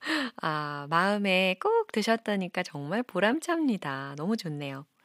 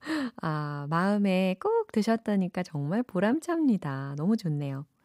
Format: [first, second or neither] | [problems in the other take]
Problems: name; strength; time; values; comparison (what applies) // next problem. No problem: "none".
second | thin; very slightly; fading below 1 kHz